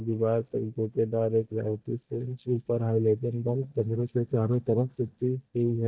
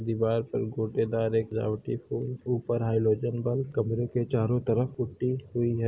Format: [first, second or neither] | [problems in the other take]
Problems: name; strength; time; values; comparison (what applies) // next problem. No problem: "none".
second | noise reduction (neural mask model DeepFilterNet 3)